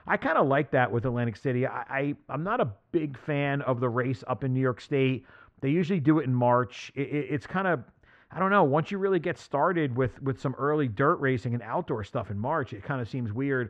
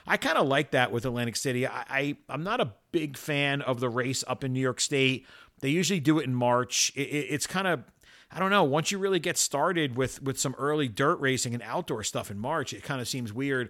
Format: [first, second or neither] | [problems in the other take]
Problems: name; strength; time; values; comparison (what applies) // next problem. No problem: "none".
second | muffled; very; fading above 1.5 kHz